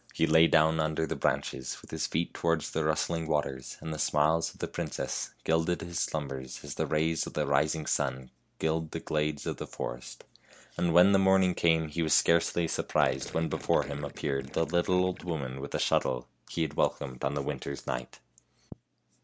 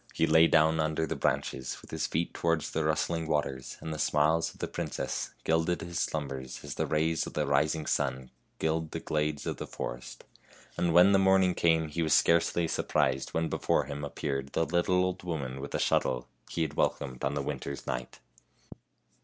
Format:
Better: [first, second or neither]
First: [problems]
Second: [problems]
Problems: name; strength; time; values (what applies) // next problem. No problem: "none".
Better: second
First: background sound (Gurgling); 16 dB below the speech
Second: none